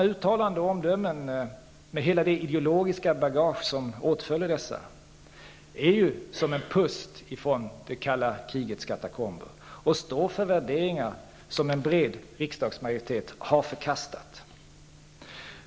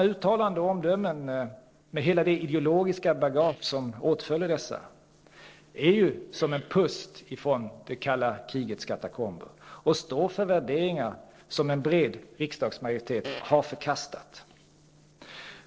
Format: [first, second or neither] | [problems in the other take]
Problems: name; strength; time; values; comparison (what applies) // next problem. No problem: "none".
first | noise reduction (neural separator model SepFormer DNS4)